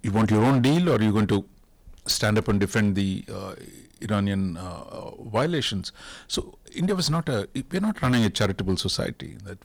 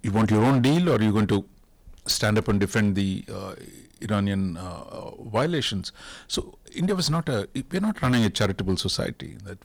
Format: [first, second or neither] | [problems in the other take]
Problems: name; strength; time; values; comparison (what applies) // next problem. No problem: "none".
neither | distortion; heavy; 8% of the sound clipped; the same in both